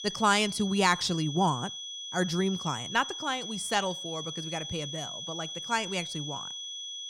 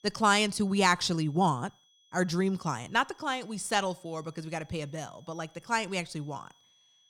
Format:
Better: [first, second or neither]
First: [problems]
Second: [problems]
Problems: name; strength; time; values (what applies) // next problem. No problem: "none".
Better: second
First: high-pitched whine; loud; throughout; 3.5 kHz, 7 dB below the speech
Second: high-pitched whine; faint; throughout; 3.5 kHz, 35 dB below the speech